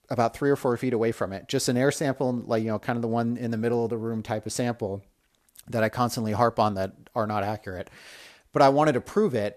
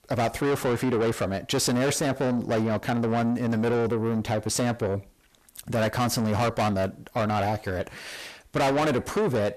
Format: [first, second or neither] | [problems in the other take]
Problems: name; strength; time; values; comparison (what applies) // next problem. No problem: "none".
first | distortion; heavy; 6 dB below the speech